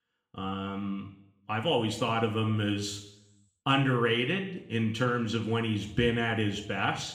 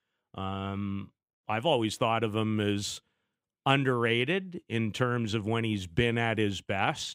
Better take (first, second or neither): second